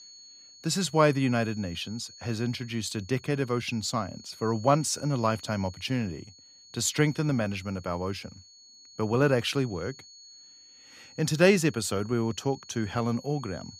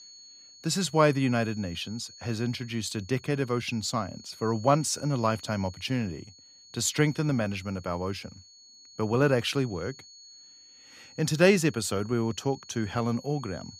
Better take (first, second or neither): neither